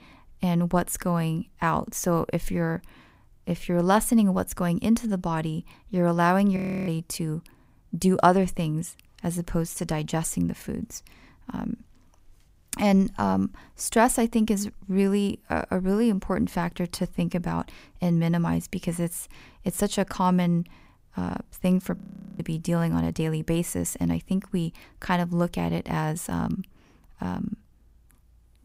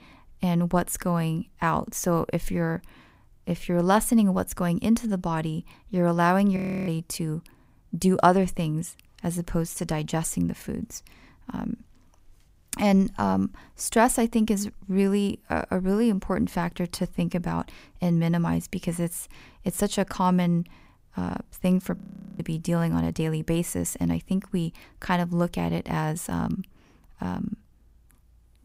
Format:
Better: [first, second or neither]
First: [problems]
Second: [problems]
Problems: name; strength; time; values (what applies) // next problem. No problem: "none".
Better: neither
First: audio freezing; at 6.5 s and at 22 s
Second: audio freezing; at 6.5 s and at 22 s